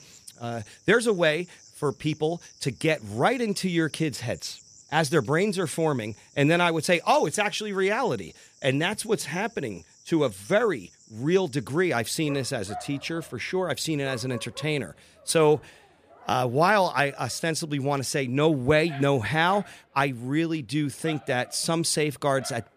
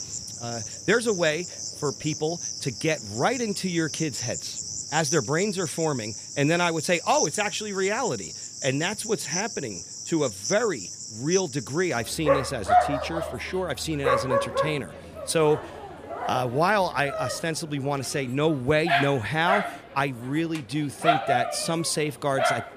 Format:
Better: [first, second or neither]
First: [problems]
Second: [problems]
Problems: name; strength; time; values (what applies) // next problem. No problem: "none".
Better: first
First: animal sounds; faint; throughout; 25 dB below the speech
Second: animal sounds; loud; throughout; 3 dB below the speech